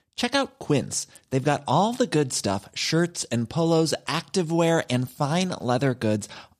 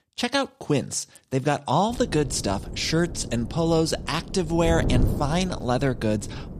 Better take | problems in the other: first | wind noise on the microphone; occasional gusts; from 2 s on; 15 dB below the speech

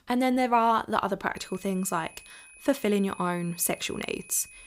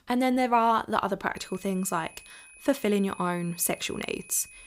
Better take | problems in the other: neither | high-pitched whine; faint; from 1.5 s on; 2.5 kHz, 20 dB below the speech; the same in both

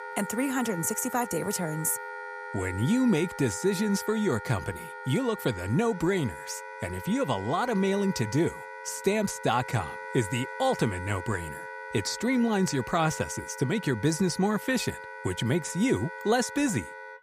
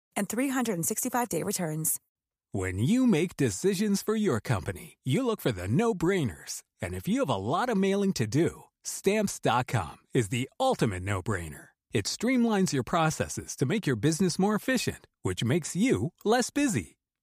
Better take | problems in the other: second | background music; noticeable; throughout; 10 dB below the speech

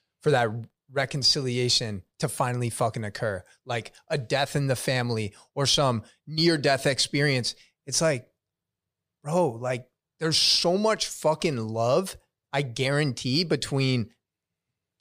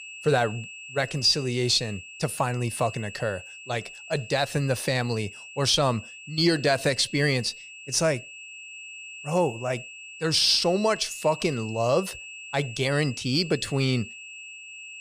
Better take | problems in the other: first | high-pitched whine; noticeable; throughout; 2.5 kHz, 15 dB below the speech

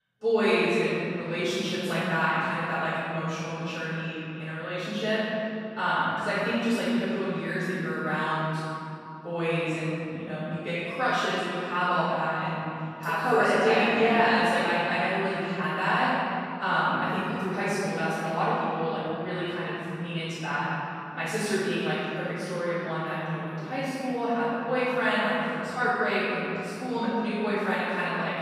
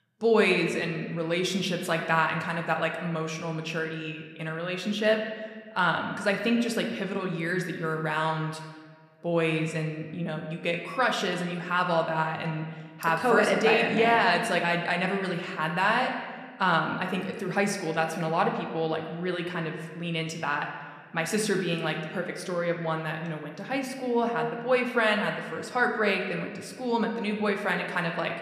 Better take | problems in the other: second | room echo; strong; dies away in 2.9 s; slight in the second // off-mic speech; far

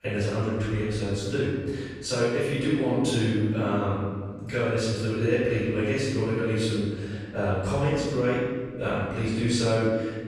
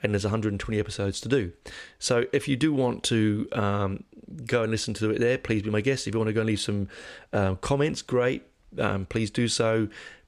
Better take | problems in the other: second | off-mic speech; far // room echo; strong; dies away in 1.4 s

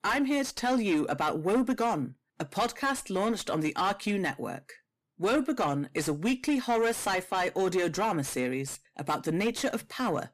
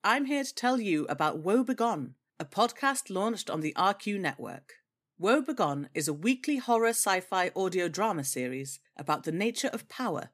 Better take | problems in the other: second | distortion; heavy; 7 dB below the speech

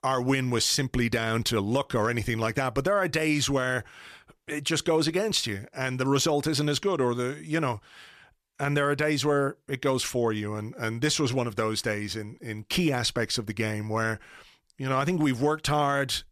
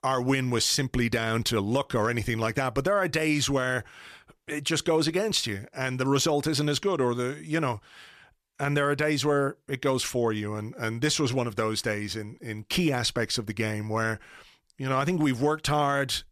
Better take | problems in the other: neither | none

